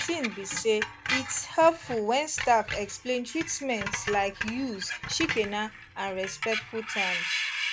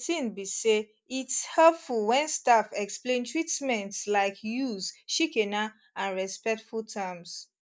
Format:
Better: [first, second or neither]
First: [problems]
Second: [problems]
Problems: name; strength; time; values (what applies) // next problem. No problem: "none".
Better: second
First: background sound (Screech); 5 dB below the speech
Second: none